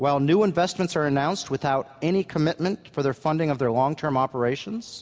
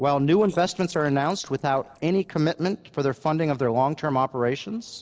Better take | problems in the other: first | noise reduction (neural separator model SepFormer DNS4)

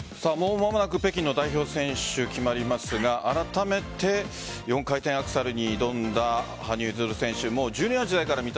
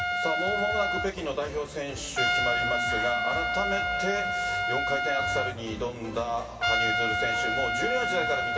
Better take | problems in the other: first | background sound (Trumpet); 3 dB above the speech // room echo; dies away in 2.2 s

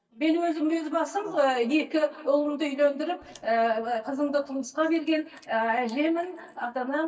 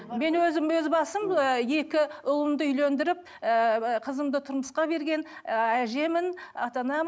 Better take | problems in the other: second | noise reduction (neural mask model DeepFilterNet 3)

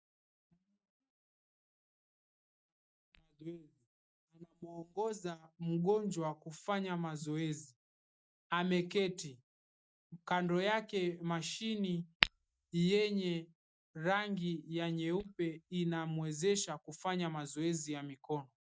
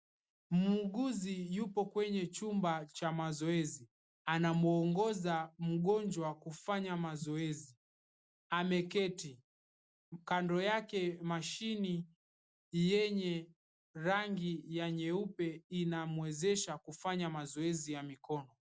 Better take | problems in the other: second | noise reduction (neural mask model DeepFilterNet 3)

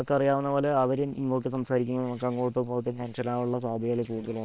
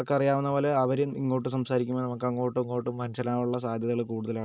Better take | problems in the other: second | noise reduction (neural separator model SepFormer WHAM!)

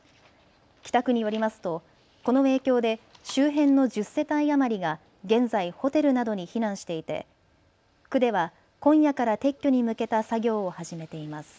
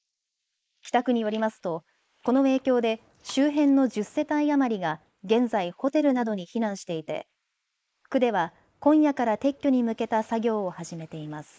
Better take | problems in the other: first | noise reduction (neural mask model Resemble Enhance denoiser)

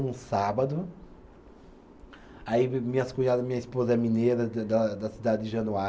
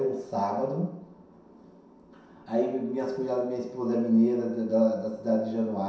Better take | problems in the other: first | room echo; dies away in 0.7 s

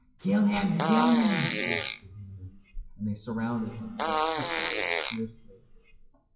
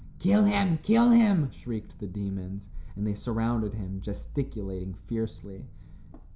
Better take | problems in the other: second | noise reduction (classical method WPE with log-MMSE)

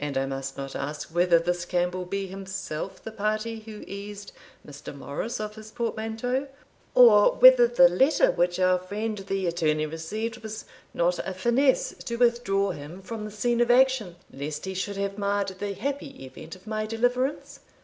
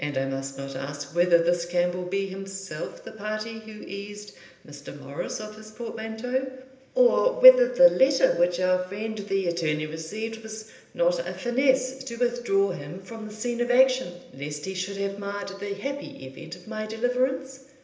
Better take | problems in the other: first | room echo; dies away in 0.8 s

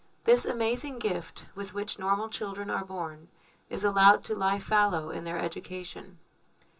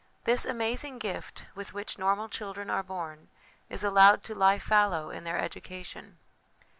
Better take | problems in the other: second | room echo; dies away in 0.2 s

